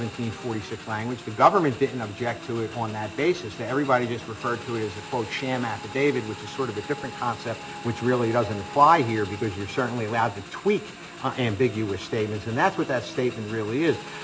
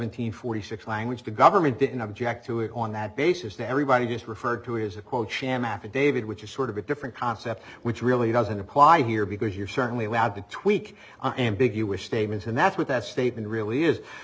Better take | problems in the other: second | background sound (Motorcycle / Engine); 14 dB below the speech

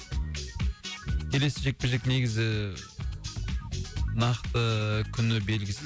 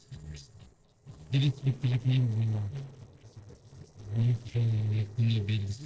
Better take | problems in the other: first | noise reduction (neural separator model SepFormer DNS4)

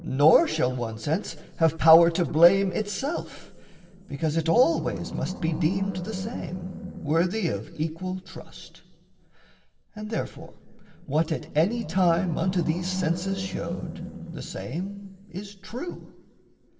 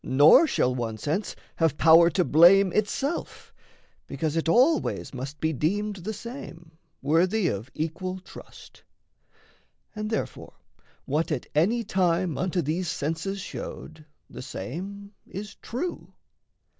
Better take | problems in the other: second | background sound (Animal); 11 dB below the speech // room echo; dies away in 1.8 s

